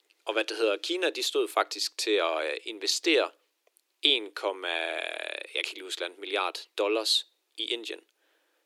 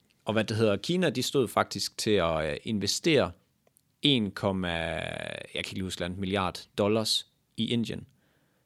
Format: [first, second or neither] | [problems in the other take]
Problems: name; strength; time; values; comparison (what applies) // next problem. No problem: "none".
second | thin; very; fading below 300 Hz